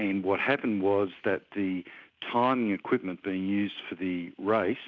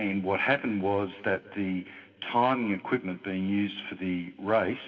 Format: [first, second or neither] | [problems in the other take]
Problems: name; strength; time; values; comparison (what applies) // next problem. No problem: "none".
first | room echo; dies away in 2.8 s